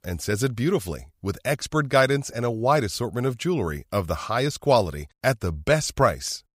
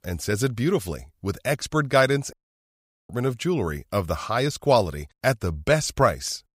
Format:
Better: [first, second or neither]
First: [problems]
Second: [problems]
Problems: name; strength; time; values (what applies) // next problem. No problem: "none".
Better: first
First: none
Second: audio cutting out; at 2.5 s for 1 s